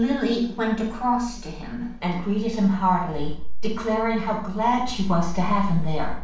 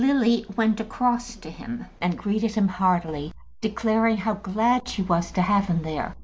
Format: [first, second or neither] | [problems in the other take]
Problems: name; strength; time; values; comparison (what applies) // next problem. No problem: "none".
second | room echo; dies away in 0.5 s